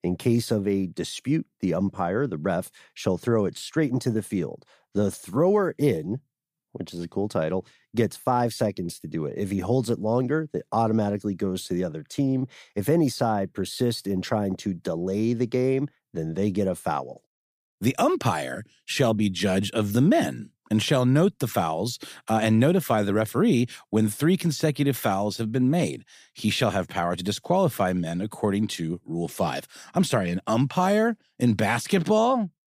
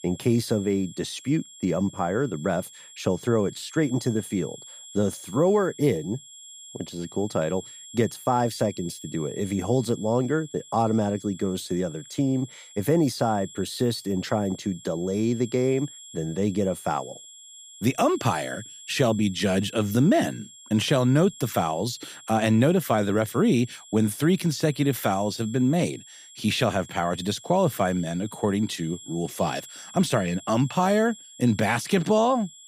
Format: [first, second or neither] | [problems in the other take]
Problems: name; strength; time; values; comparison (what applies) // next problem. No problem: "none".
first | high-pitched whine; noticeable; throughout; 7.5 kHz, 20 dB below the speech